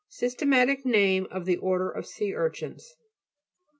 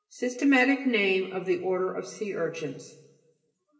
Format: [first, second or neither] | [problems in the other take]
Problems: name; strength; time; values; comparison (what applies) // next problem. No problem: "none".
first | room echo; dies away in 1 s